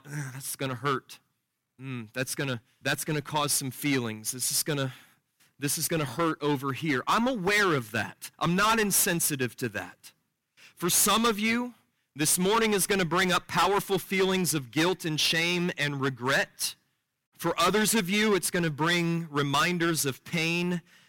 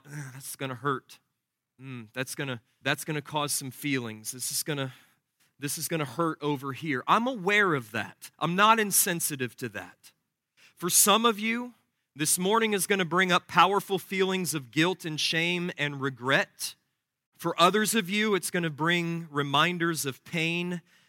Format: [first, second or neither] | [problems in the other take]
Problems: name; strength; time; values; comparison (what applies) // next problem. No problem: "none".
second | distortion; heavy; 8% of the sound clipped